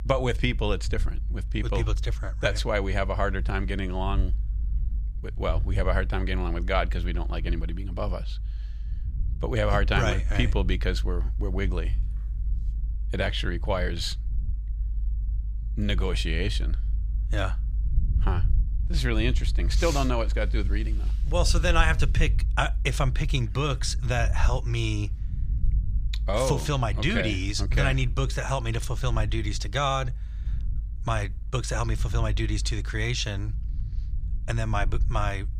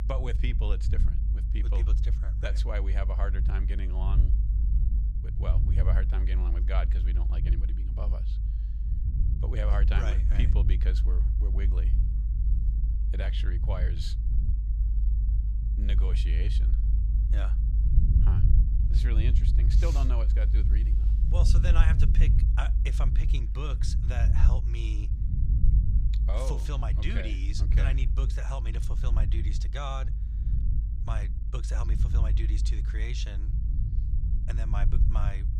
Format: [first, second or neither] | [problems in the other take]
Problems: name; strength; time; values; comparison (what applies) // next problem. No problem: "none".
first | low rumble; loud; throughout; 5 dB below the speech; faint in the first